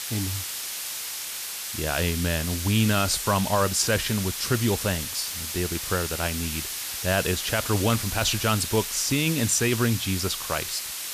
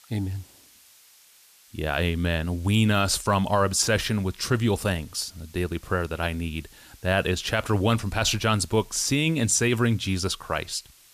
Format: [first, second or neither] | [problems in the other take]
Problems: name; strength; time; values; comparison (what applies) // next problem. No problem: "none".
second | hiss; loud; throughout; 4 dB below the speech; faint in the second